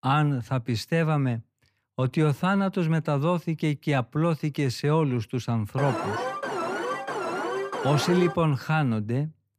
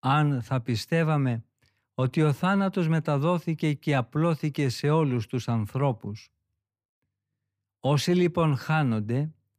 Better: second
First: alarm; noticeable; from 6 to 8.5 s; peak 3 dB below the speech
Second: none

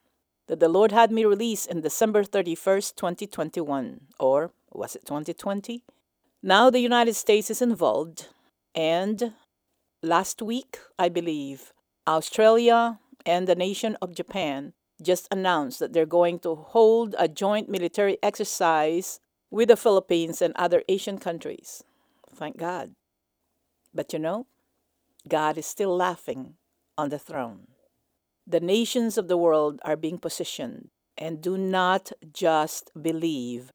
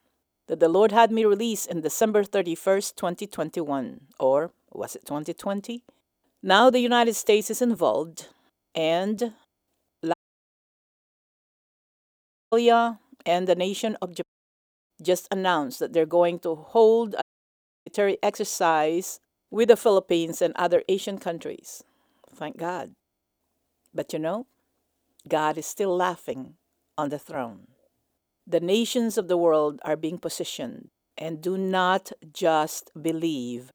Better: first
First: none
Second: audio cutting out; at 10 s for 2.5 s, at 14 s for 0.5 s and at 17 s for 0.5 s

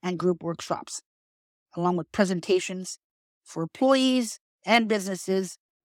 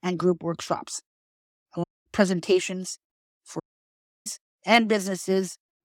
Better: first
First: none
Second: audio cutting out; at 2 s and at 3.5 s for 0.5 s

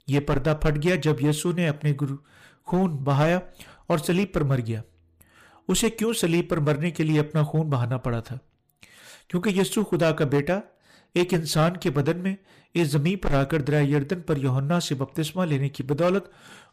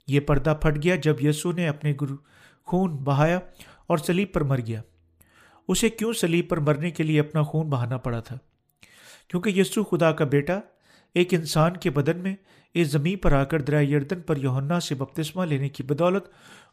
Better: second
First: distortion; slight; 6% of the sound clipped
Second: none

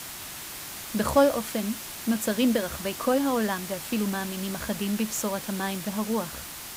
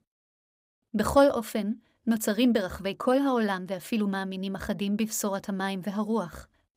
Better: second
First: hiss; loud; throughout; 8 dB below the speech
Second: none

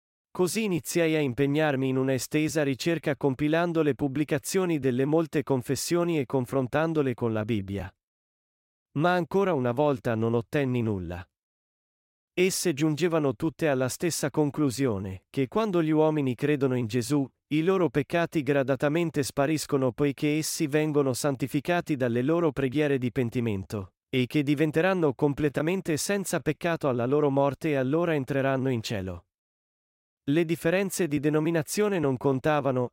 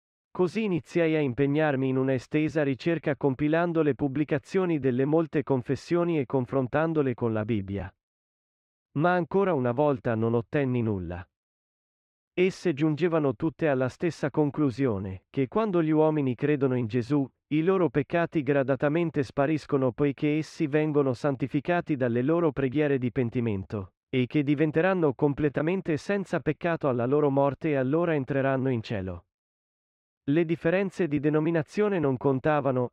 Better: first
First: none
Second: muffled; slightly; fading above 2.5 kHz

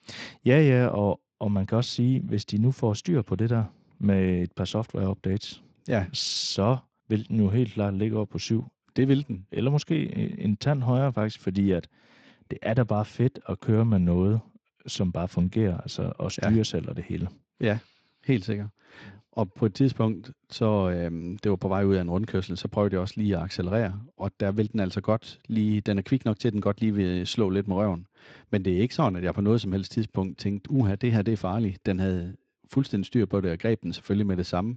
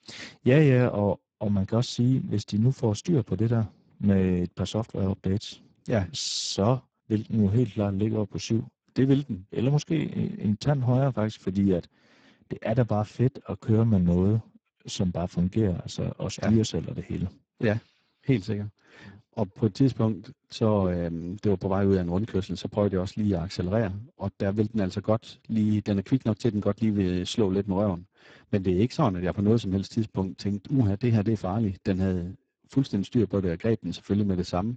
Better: first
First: garbled, watery; slightly; nothing above 7.5 kHz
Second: garbled, watery; badly; nothing above 7.5 kHz

